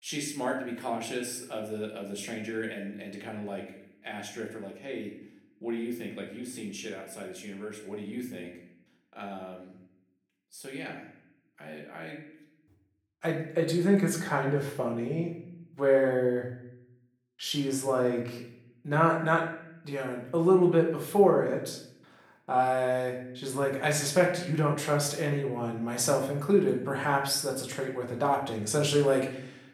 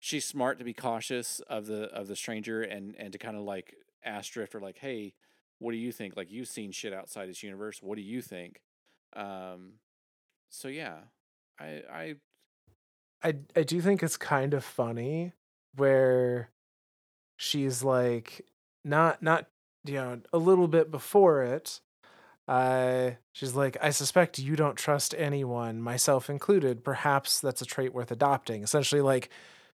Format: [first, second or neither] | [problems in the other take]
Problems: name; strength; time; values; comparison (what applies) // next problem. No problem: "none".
second | room echo; slight; dies away in 0.6 s // off-mic speech; somewhat distant